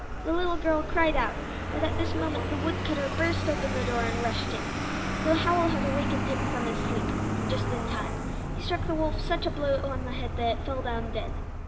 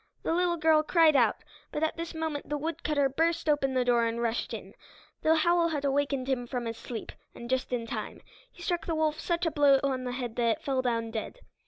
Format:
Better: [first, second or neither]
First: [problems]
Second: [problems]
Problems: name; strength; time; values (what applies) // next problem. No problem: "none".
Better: second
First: background sound (Vehicle); 1 dB above the speech // room echo; dies away in 0.9 s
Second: none